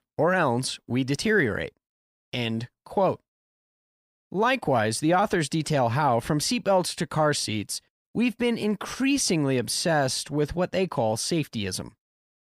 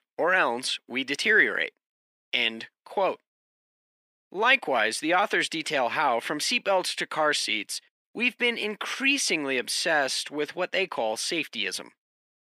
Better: first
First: none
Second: thin; somewhat; fading below 300 Hz

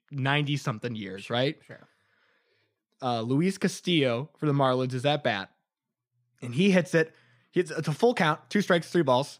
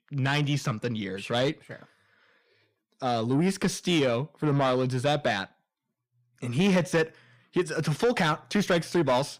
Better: first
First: none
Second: distortion; slight; 10 dB below the speech

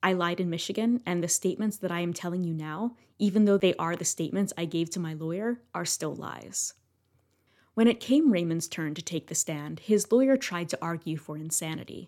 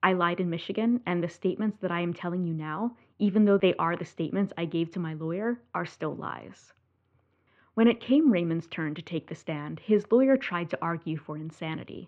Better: first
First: none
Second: muffled; very; fading above 3 kHz

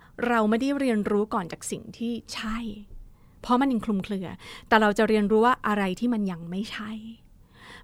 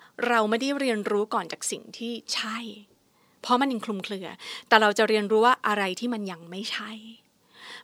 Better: first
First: none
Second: thin; very slightly; fading below 300 Hz

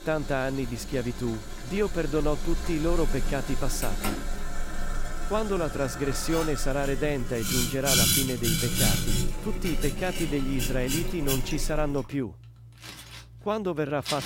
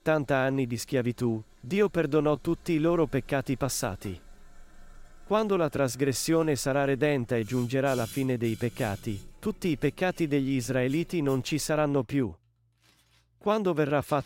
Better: second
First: household noises; loud; throughout; as loud as the speech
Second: household noises; faint; throughout; 25 dB below the speech

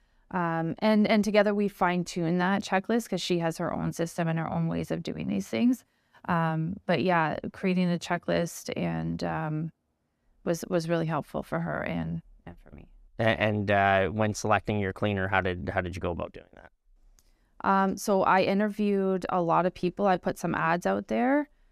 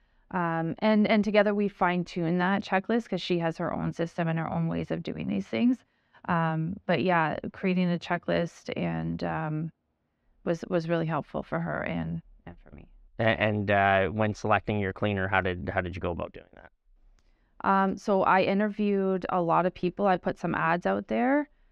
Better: first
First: none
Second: muffled; very slightly; fading above 3 kHz

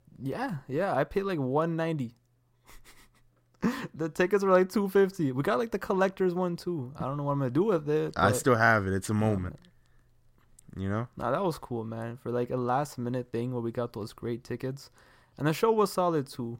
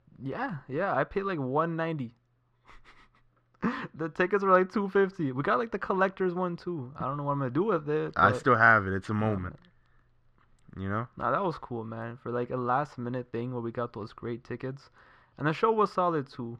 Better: first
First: none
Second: muffled; slightly; fading above 3 kHz

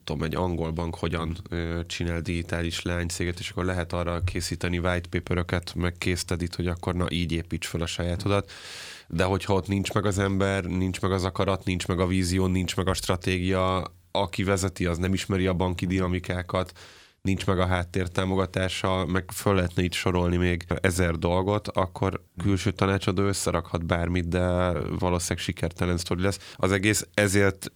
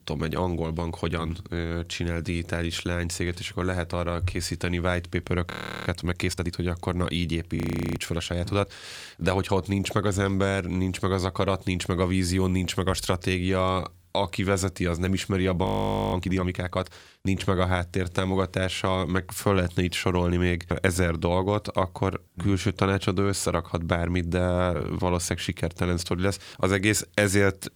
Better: first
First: none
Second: audio freezing; at 5.5 s, at 7.5 s and at 16 s

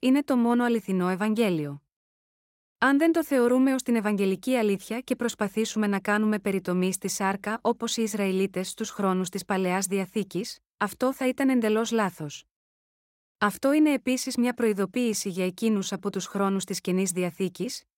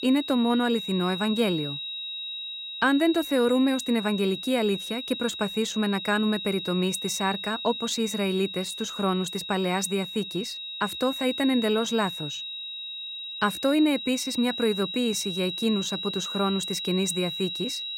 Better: first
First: none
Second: high-pitched whine; loud; throughout; 4 kHz, 6 dB below the speech

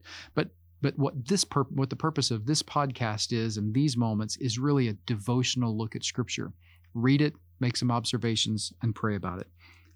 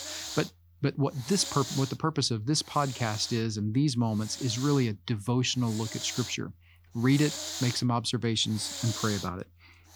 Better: first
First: none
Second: hiss; loud; throughout; 9 dB below the speech

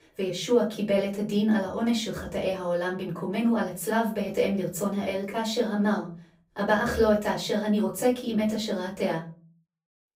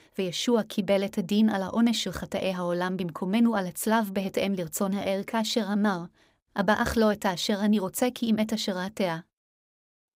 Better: second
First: off-mic speech; far // room echo; slight; dies away in 0.3 s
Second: none

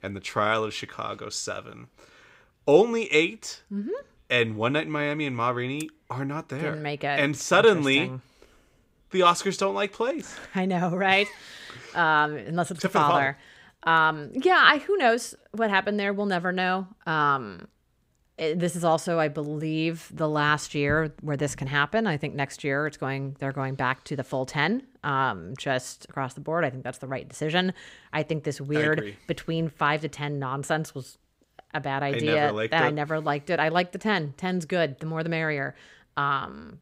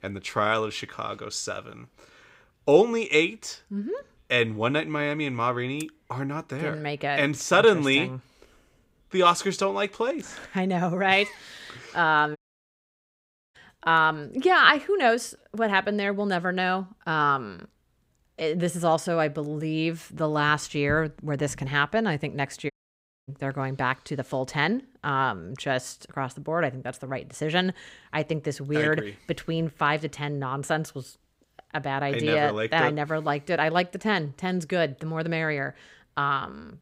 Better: first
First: none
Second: audio cutting out; at 12 s for 1 s and at 23 s for 0.5 s

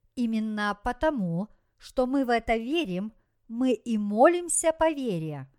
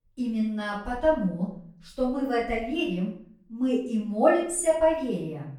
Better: first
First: none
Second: off-mic speech; far // room echo; noticeable; dies away in 0.5 s

